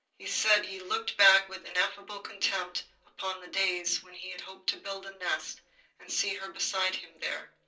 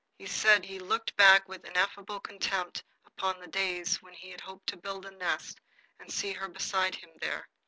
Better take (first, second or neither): second